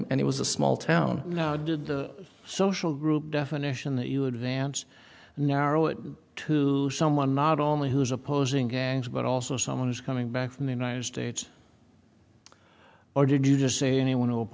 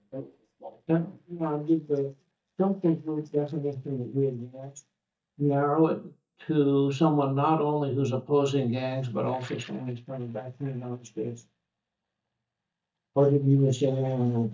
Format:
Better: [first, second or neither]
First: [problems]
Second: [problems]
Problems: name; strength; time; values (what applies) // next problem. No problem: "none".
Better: first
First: none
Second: noise reduction (neural mask model DeepFilterNet 3)